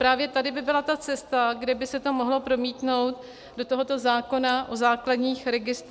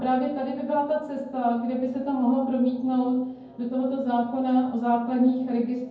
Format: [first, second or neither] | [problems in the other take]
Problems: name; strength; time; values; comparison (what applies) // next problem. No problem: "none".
first | room echo; dies away in 0.9 s